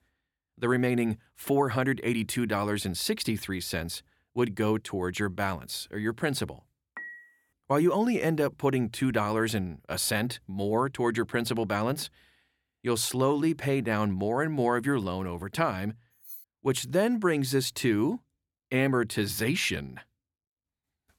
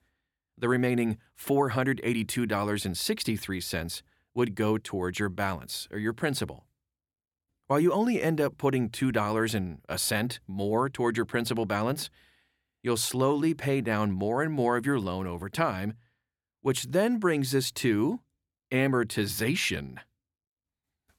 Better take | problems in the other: second | clattering dishes; faint; at 7 s; peak 15 dB below the speech // jangling keys; faint; at 16 s; peak 15 dB below the speech

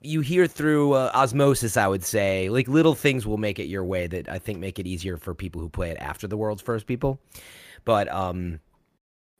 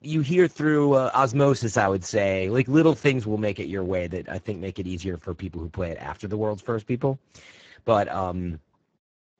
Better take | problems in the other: first | garbled, watery; badly; nothing above 7.5 kHz

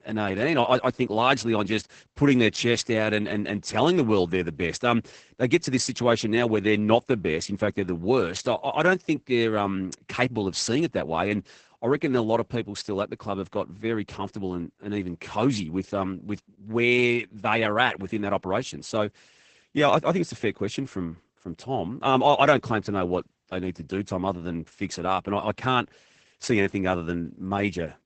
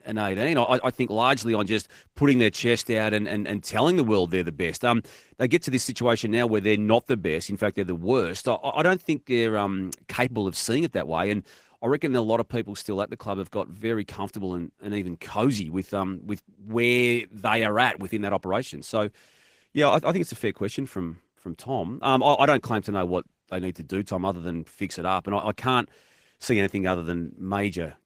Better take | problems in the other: second | garbled, watery; badly; nothing above 8 kHz; slightly in the second

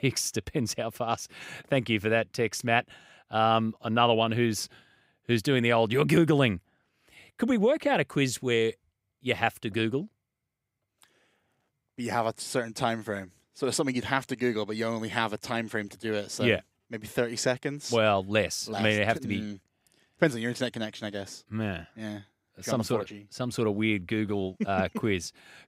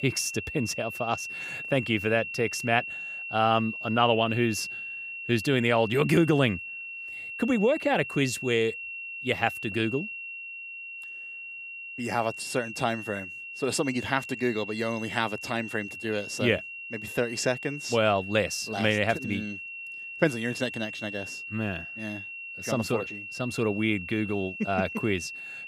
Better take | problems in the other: first | high-pitched whine; loud; throughout; 2.5 kHz, 8 dB below the speech

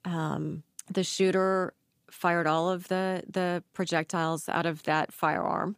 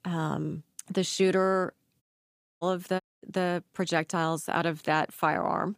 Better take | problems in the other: first | audio cutting out; at 2 s for 0.5 s and at 3 s

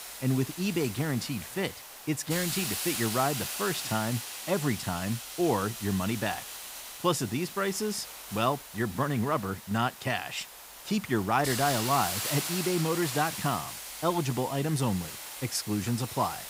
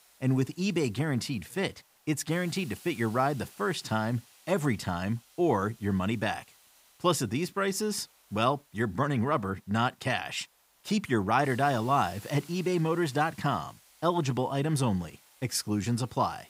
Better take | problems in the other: second | hiss; loud; throughout; 6 dB below the speech; faint in the second

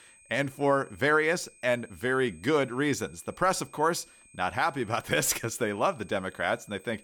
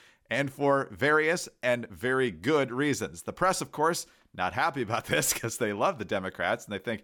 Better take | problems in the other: second | high-pitched whine; faint; throughout; 8 kHz, 25 dB below the speech

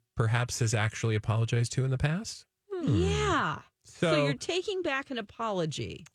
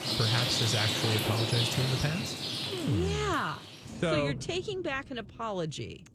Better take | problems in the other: first | rain or running water; very loud; throughout; 1 dB above the speech

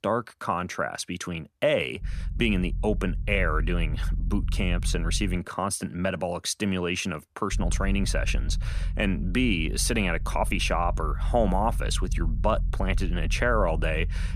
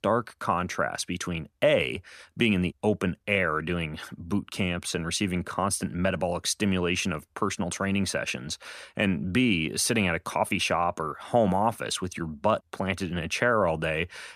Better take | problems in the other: second | low rumble; faint; from 2 to 5.5 s and from 7.5 s on; 20 dB below the speech

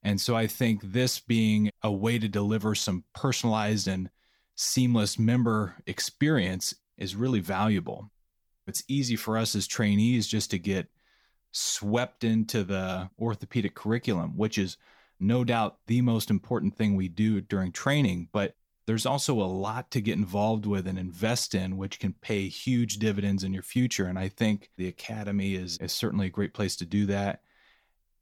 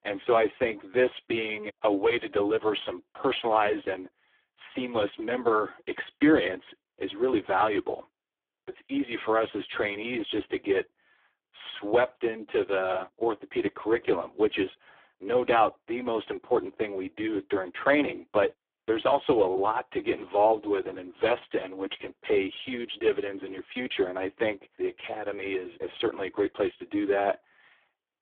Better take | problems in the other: first | phone-call audio; poor line; nothing above 3.5 kHz

